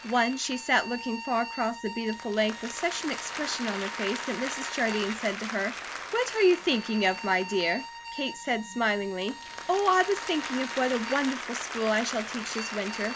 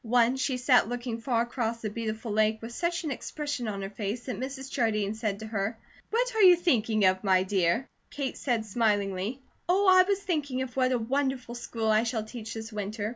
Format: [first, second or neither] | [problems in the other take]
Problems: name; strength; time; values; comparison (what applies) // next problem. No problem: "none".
second | background sound (Bowed string instrument + Applause); 8 dB below the speech